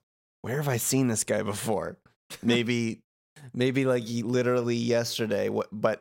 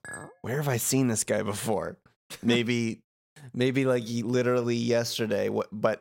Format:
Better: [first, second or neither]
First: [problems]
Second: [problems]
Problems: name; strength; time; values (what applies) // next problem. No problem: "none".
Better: first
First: none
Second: clattering dishes; faint; at the start; peak 15 dB below the speech